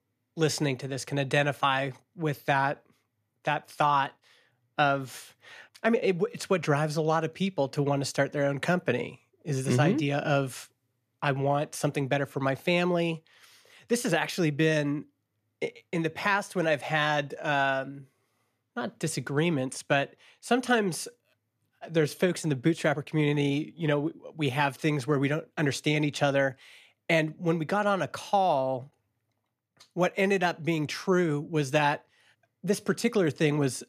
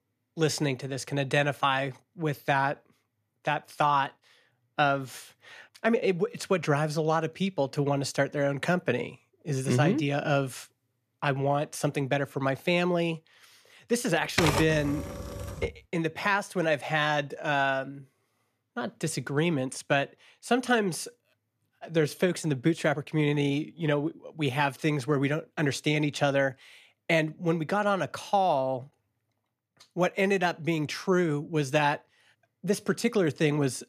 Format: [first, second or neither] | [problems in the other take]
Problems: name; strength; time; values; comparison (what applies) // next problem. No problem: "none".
first | keyboard typing; loud; from 14 to 16 s; peak 1 dB above the speech